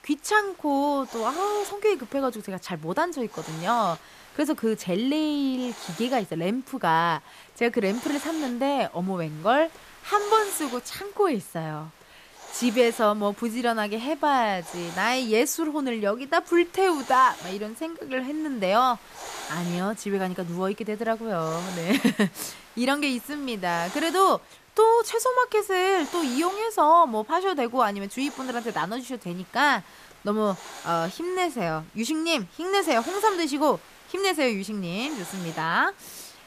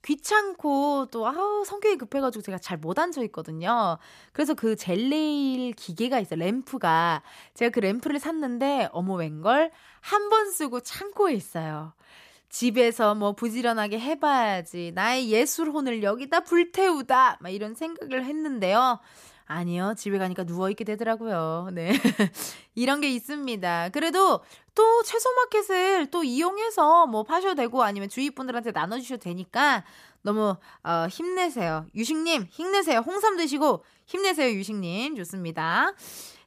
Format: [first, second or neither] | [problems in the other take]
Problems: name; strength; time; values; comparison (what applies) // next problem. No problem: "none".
second | hiss; noticeable; throughout; 15 dB below the speech